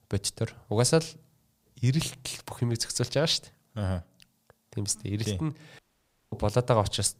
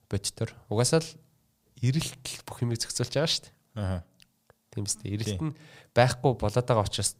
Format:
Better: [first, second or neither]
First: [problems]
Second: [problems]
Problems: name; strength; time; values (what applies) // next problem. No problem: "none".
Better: second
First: audio cutting out; at 6 s for 0.5 s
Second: none